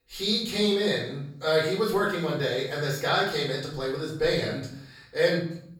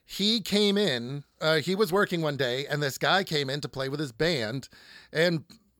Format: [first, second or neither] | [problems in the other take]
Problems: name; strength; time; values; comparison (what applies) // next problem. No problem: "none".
second | off-mic speech; far // room echo; noticeable; dies away in 0.5 s